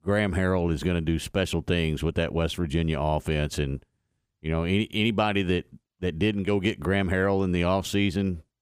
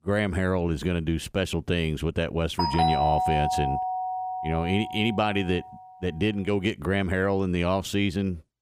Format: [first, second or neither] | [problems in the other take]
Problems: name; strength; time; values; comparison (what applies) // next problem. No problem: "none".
first | doorbell; loud; from 2.5 to 5 s; peak 3 dB above the speech